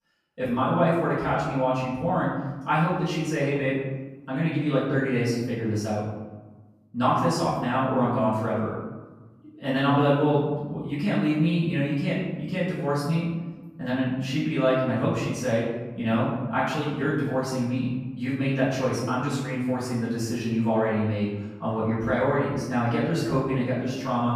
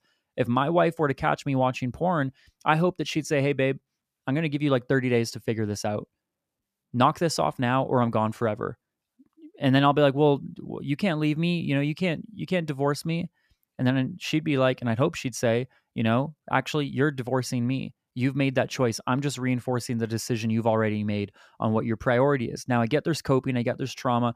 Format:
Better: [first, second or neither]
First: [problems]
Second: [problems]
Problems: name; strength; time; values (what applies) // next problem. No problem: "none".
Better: second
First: off-mic speech; far // room echo; noticeable; dies away in 1.1 s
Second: none